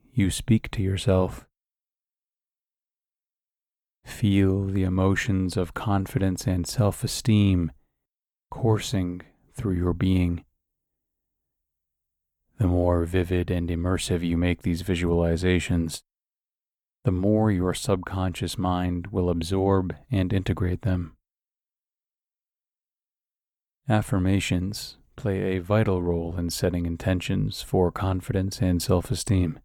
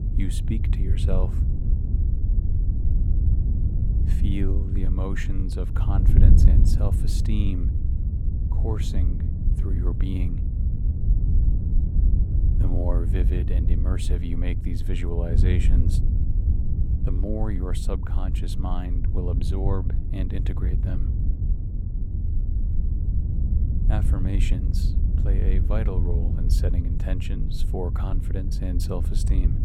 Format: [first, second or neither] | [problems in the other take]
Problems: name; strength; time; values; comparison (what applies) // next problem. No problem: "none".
first | wind noise on the microphone; heavy; 3 dB below the speech